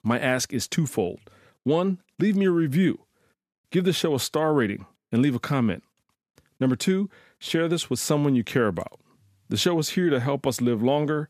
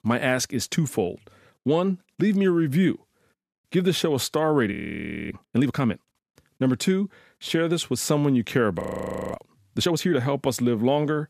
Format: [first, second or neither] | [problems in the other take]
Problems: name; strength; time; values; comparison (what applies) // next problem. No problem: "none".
first | audio freezing; at 4.5 s for 0.5 s and at 9 s for 0.5 s